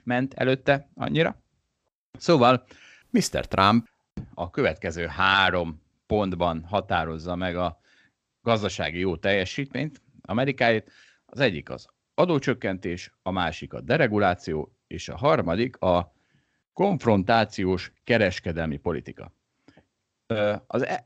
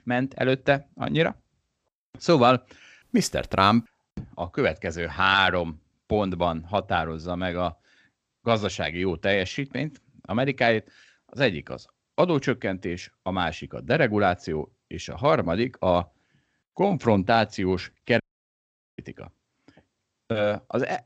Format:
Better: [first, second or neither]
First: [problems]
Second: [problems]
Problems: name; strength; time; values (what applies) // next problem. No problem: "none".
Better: first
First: none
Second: audio cutting out; at 18 s for 1 s